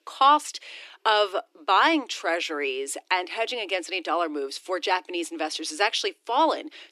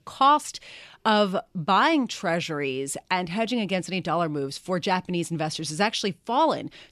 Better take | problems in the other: second | thin; somewhat; fading below 300 Hz

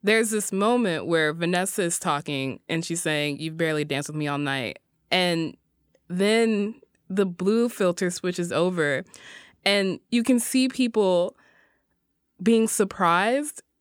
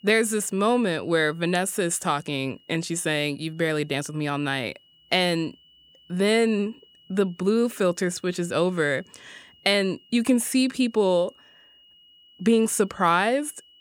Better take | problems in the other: first | high-pitched whine; faint; throughout; 3 kHz, 30 dB below the speech

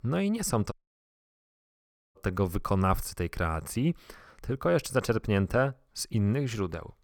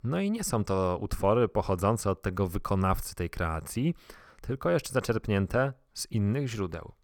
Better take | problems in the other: second | audio cutting out; at 0.5 s for 1.5 s

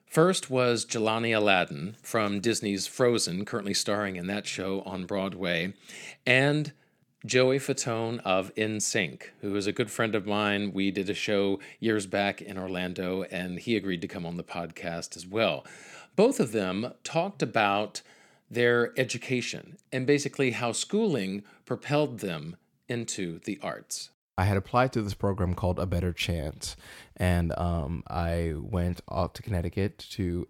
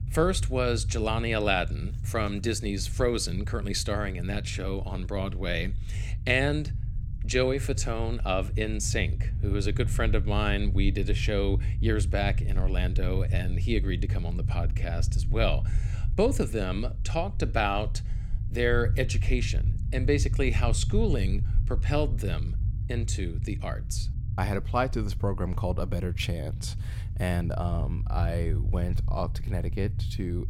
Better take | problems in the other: first | low rumble; noticeable; throughout; 15 dB below the speech

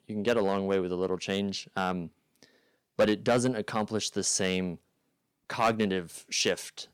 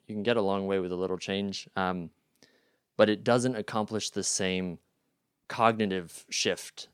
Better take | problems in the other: second | distortion; slight; 1.4% of the sound clipped

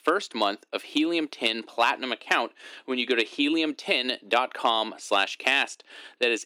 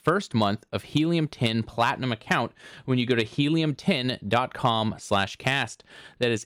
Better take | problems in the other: second | thin; somewhat; fading below 300 Hz

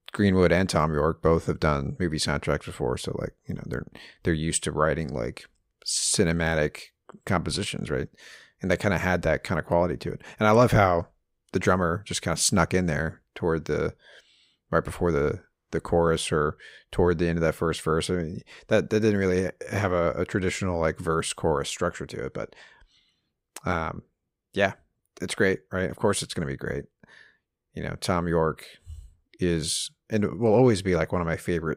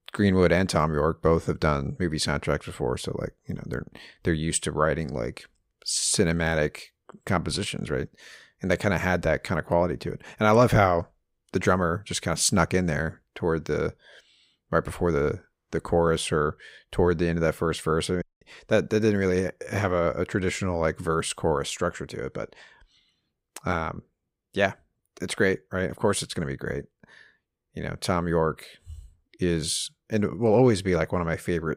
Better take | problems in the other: first | audio cutting out; at 18 s

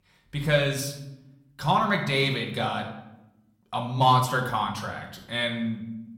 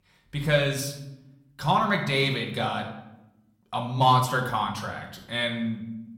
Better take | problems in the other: neither | room echo; slight; dies away in 0.7 s; the same in both // off-mic speech; somewhat distant; the same in both

